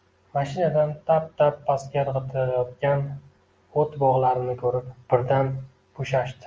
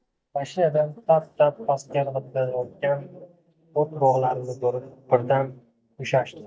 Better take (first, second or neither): first